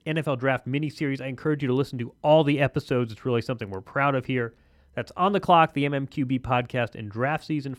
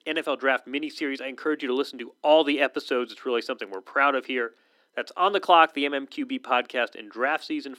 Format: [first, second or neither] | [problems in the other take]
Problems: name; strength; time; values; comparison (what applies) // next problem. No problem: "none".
first | thin; somewhat; fading below 300 Hz